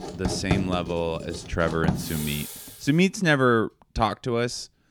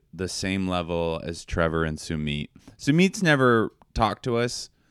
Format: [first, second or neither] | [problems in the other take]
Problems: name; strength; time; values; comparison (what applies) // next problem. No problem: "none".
second | household noises; loud; until 2.5 s; 6 dB below the speech